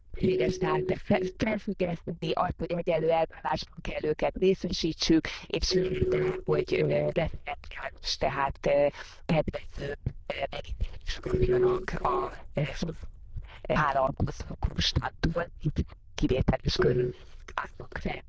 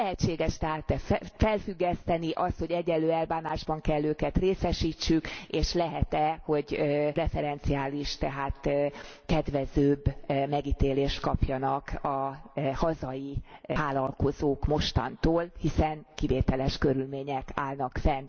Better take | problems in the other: second | noise reduction (neural diffusion model UNIVERSE++)

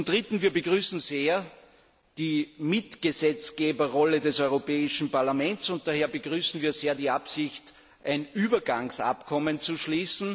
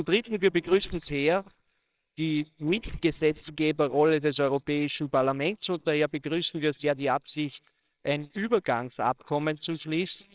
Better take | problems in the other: first | noise reduction (neural separator model SepFormer WHAMR!)

